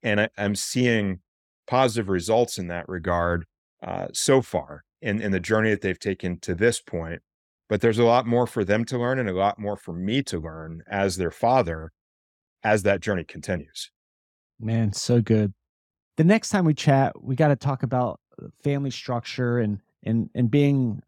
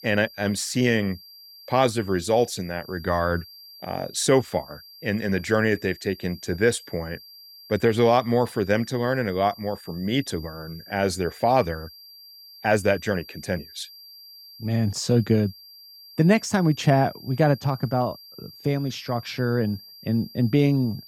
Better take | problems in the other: first | high-pitched whine; noticeable; throughout; 4.5 kHz, 20 dB below the speech

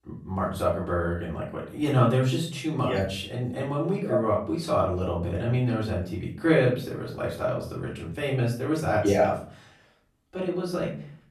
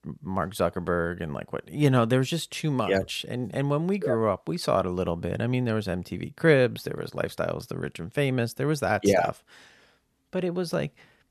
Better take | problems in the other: second | room echo; slight; dies away in 0.4 s // off-mic speech; far

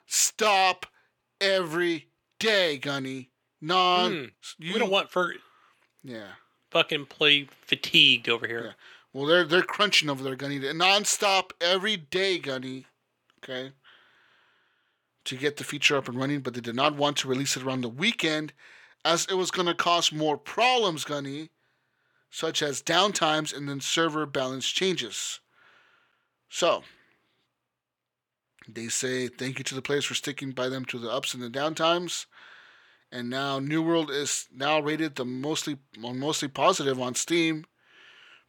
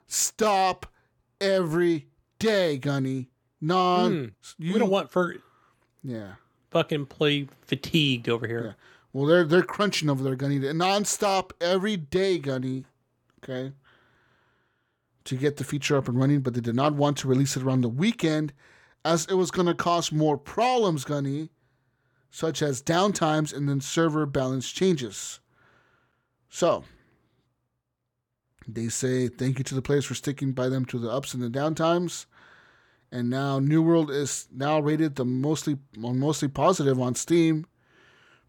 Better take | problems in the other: second | thin; somewhat; fading below 500 Hz

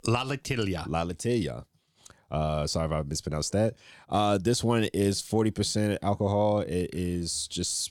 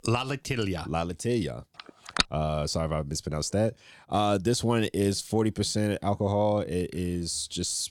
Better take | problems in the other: first | phone ringing; very faint; at 2 s; peak 1 dB above the speech

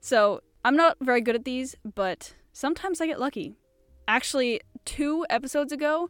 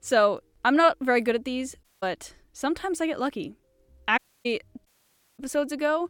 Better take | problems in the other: first | audio cutting out; at 2 s, at 4 s and at 5 s for 0.5 s

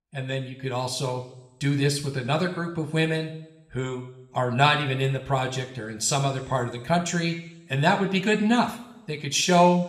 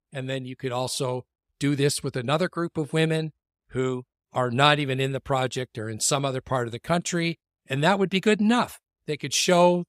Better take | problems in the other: second | room echo; slight; dies away in 0.7 s

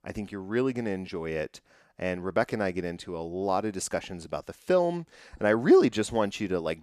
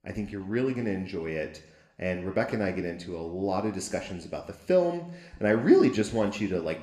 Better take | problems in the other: first | room echo; very slight; dies away in 0.7 s

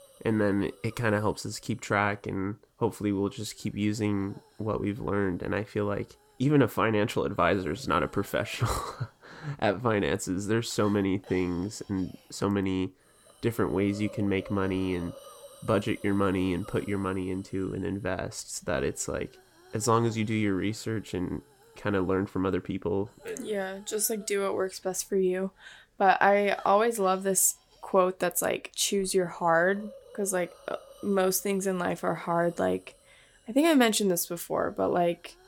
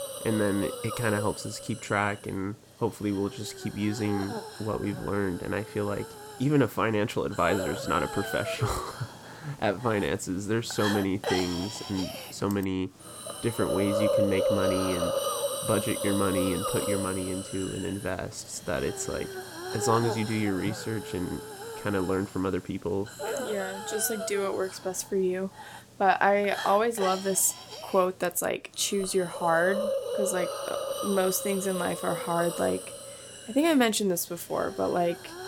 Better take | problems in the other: first | hiss; loud; throughout; 5 dB below the speech; faint in the first

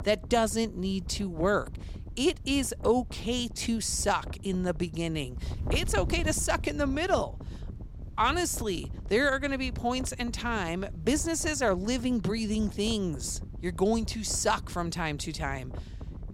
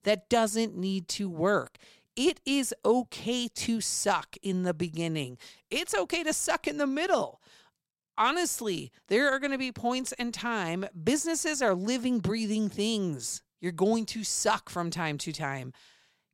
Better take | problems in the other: second | wind noise on the microphone; occasional gusts; 20 dB below the speech

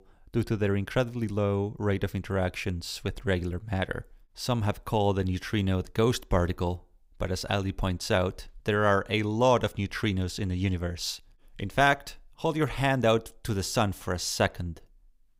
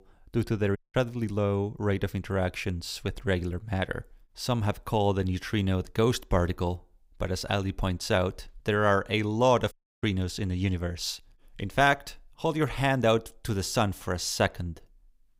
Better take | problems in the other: first | audio cutting out; at 1 s and at 9.5 s

